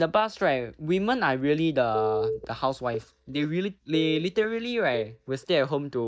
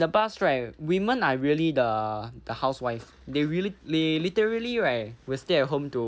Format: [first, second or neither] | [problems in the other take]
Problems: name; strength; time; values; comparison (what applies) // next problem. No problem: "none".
second | noise reduction (neural mask model DeepFilterNet 3)